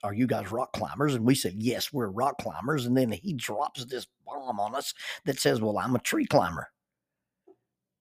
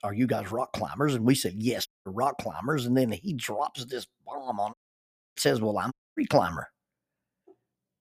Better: first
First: none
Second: audio cutting out; at 2 s, at 4.5 s for 0.5 s and at 6 s

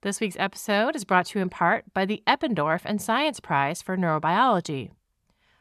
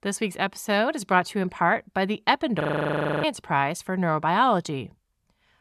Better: first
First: none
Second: audio freezing; at 2.5 s for 0.5 s

